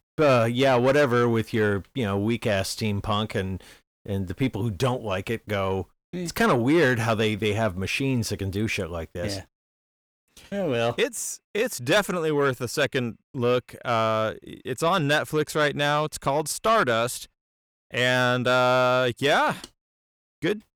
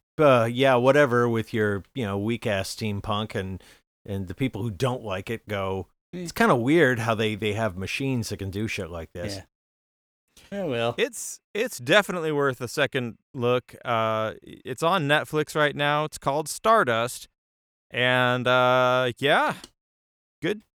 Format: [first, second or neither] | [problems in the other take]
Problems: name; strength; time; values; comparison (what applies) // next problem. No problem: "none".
second | distortion; slight; 10 dB below the speech